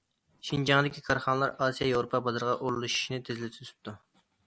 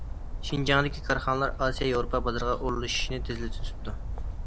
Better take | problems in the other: first | background sound (Bird); 3 dB below the speech

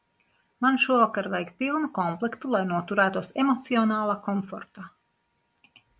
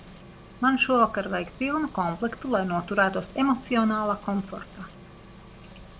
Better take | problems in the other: first | background sound (Engine); 19 dB below the speech

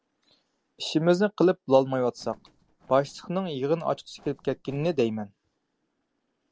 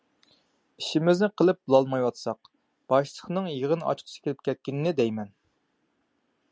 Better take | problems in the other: second | noise reduction (neural separator model SepFormer DNS4)

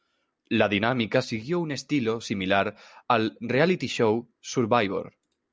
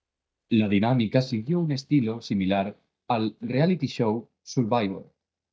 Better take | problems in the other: first | noise reduction (neural mask model DeepFilterNet 3)

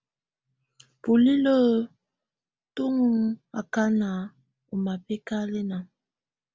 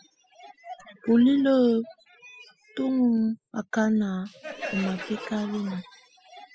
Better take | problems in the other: first | noise reduction (classical method spectral subtraction)

